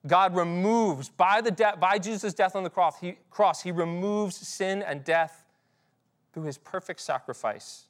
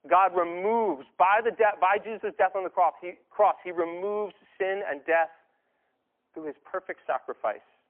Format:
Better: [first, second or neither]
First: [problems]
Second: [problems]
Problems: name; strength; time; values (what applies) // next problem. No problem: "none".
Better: first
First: none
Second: phone-call audio; poor line